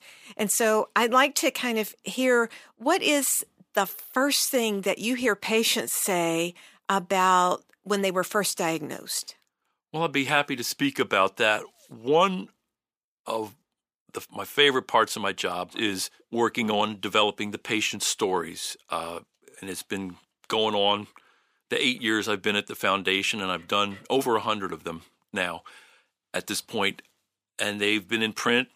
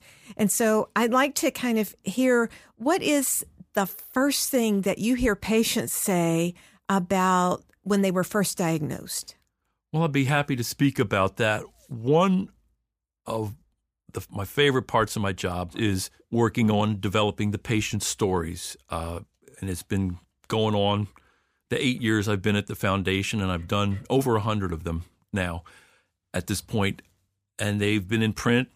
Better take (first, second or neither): second